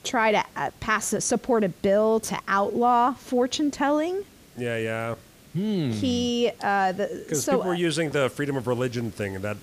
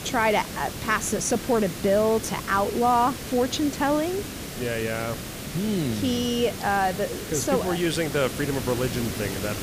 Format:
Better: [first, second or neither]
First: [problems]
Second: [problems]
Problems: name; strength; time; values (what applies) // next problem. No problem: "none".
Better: first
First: hiss; faint; throughout; 25 dB below the speech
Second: hiss; loud; throughout; 8 dB below the speech